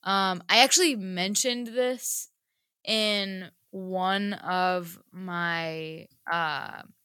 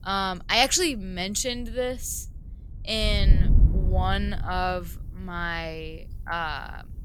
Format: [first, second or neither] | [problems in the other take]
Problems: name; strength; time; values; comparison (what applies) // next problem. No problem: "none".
first | wind noise on the microphone; occasional gusts; 15 dB below the speech